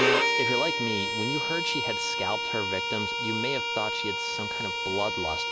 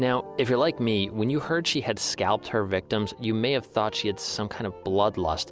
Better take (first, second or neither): second